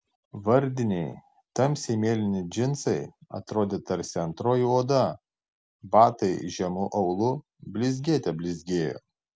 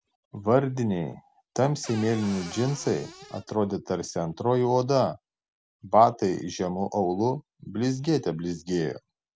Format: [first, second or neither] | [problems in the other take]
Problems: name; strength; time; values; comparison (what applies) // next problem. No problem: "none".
first | background sound (Cupboard open or close / Door); 16 dB below the speech